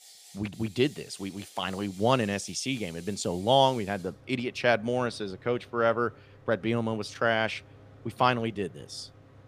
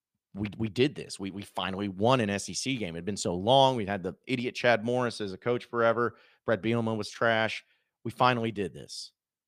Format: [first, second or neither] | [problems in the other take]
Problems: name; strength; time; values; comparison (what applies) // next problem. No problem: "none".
second | machinery noise; faint; throughout; 25 dB below the speech